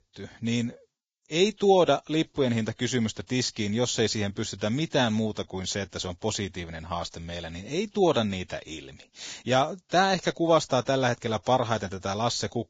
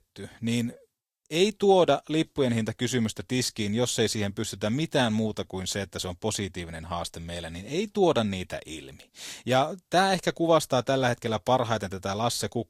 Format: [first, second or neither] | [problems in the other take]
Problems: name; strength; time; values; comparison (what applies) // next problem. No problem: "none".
second | garbled, watery; badly; nothing above 7.5 kHz; slightly in the second